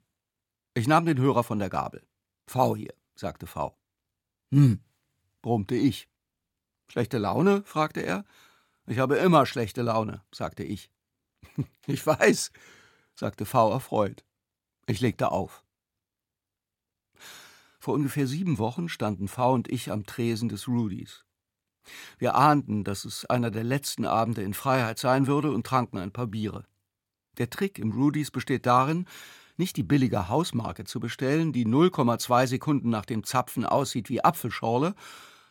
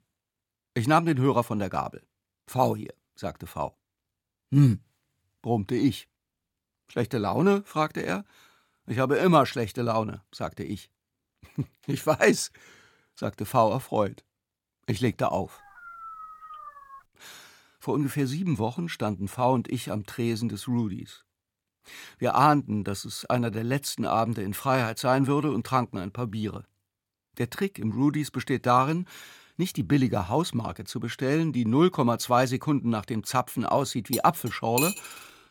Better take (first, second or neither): first